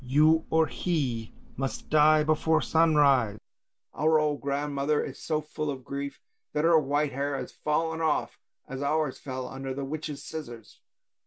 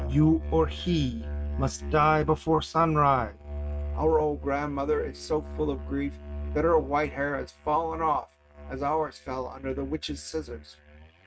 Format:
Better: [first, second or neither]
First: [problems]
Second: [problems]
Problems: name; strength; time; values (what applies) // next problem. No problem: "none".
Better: first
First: none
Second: noise reduction (neural mask model RNNoise)